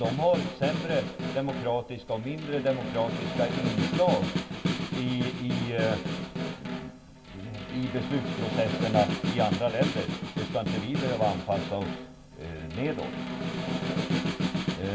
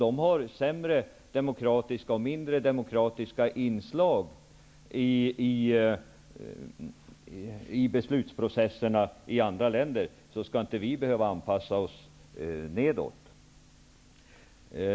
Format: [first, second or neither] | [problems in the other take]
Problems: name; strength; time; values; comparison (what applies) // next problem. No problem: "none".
second | background sound (Snare drum); 1 dB below the speech // room echo; dies away in 1.5 s